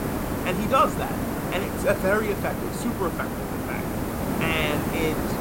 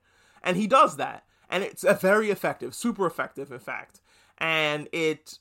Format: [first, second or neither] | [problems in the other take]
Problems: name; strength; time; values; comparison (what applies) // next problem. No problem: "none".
second | hiss; loud; throughout; 1 dB below the speech